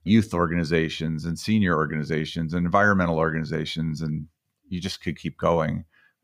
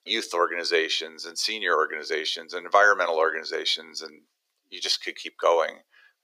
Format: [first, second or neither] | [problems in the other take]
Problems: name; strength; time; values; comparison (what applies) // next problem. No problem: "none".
first | thin; very; fading below 400 Hz